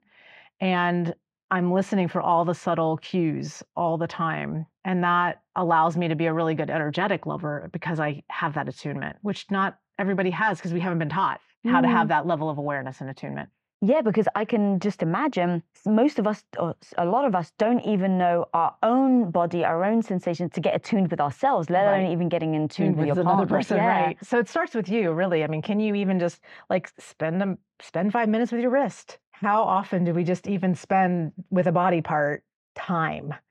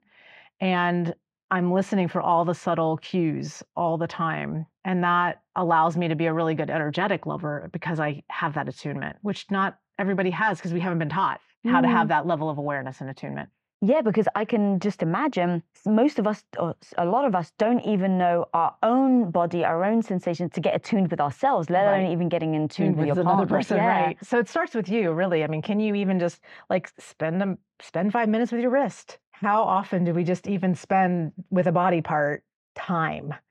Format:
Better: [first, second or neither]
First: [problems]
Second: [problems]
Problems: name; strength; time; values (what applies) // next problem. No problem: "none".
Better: neither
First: muffled; very; fading above 3.5 kHz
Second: muffled; very; fading above 3.5 kHz